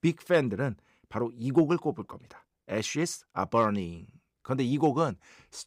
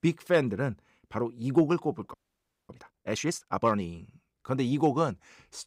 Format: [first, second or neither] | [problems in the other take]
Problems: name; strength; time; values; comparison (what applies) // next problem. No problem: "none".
first | audio freezing; at 2 s for 0.5 s